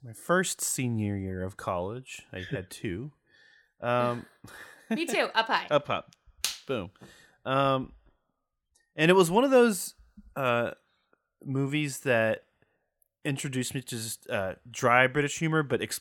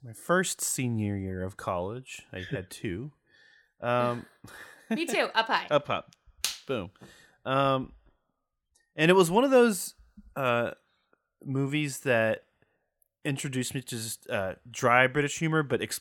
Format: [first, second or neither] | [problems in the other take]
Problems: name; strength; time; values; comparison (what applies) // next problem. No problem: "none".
neither | none